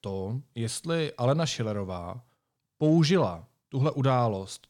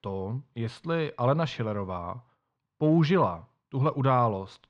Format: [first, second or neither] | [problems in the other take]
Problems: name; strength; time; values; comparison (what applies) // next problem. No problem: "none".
first | muffled; slightly; fading above 2.5 kHz